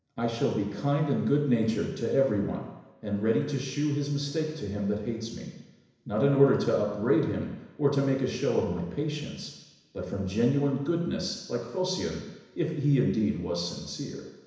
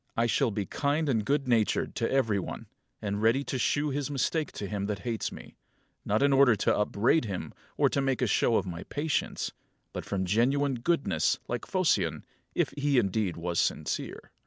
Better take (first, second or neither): second